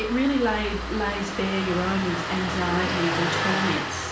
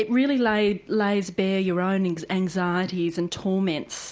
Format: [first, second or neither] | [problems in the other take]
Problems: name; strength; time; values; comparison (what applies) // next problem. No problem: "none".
second | background sound (Engine starting); 2 dB below the speech // room echo; dies away in 0.4 s